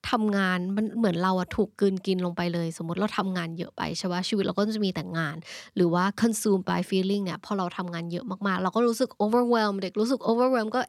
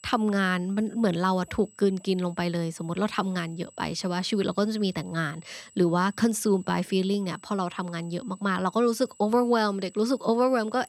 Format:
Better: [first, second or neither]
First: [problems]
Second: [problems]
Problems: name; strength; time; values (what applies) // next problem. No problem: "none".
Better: first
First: none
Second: high-pitched whine; faint; throughout; 8 kHz, 25 dB below the speech